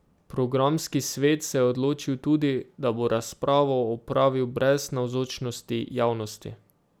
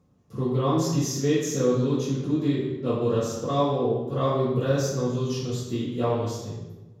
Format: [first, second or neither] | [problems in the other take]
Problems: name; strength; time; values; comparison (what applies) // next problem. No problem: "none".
first | room echo; dies away in 1 s